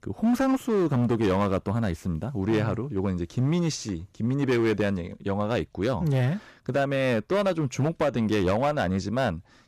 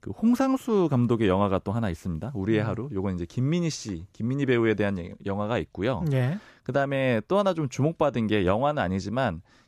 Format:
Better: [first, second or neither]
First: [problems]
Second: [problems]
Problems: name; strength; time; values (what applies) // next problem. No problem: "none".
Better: second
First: distortion; slight; 9% of the sound clipped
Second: none